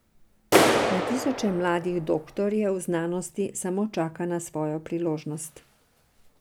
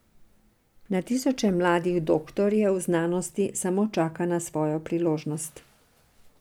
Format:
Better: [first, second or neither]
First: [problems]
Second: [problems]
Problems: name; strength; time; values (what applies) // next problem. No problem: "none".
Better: second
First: background sound (Clapping); 1 dB above the speech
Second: none